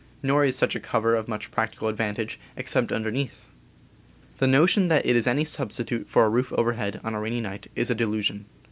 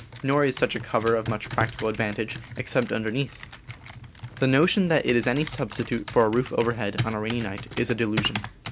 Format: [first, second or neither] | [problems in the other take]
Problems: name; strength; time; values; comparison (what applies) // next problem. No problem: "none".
first | background sound (Computer keyboard); 11 dB below the speech